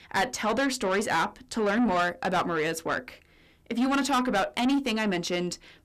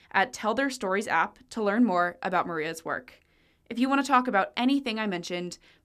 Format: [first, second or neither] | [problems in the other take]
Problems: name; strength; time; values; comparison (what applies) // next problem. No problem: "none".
second | distortion; heavy; 7 dB below the speech